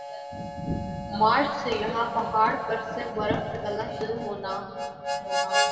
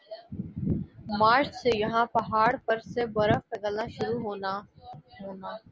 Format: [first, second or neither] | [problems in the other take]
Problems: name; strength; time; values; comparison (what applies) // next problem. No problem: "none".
second | background sound (Harmonica); 5 dB below the speech // room echo; dies away in 2.1 s